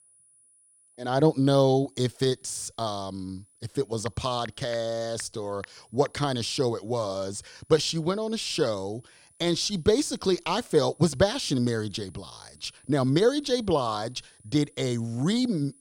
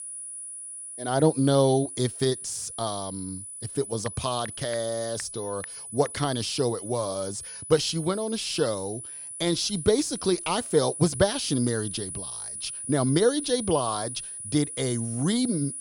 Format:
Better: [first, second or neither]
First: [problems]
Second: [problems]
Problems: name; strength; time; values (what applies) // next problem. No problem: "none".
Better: first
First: high-pitched whine; faint; throughout; 10 kHz, 30 dB below the speech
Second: high-pitched whine; loud; throughout; 10 kHz, 9 dB below the speech